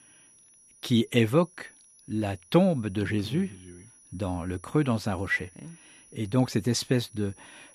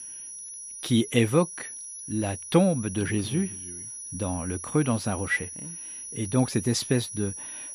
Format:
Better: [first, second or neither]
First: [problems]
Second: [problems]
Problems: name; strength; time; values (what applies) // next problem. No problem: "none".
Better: first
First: high-pitched whine; faint; throughout; 10.5 kHz, 25 dB below the speech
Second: high-pitched whine; loud; throughout; 10.5 kHz, 9 dB below the speech